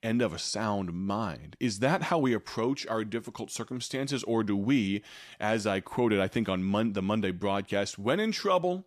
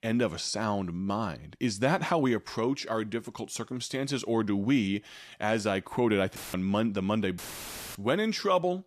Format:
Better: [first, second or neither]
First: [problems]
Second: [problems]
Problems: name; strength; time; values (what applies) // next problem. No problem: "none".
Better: first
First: none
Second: audio cutting out; filled with static; at 6.5 s and at 7.5 s for 0.5 s